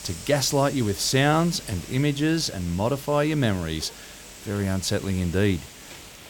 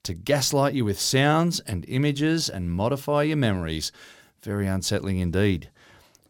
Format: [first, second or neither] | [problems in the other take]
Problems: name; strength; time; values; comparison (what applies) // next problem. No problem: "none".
second | hiss; noticeable; throughout; 15 dB below the speech